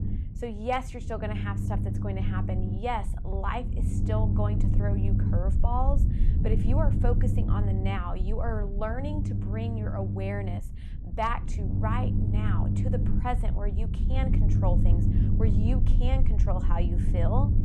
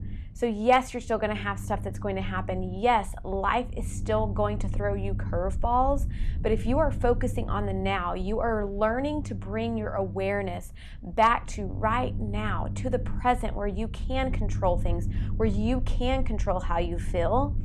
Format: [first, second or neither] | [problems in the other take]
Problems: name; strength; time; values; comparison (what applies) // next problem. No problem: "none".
second | low rumble; loud; throughout; 6 dB below the speech; faint in the second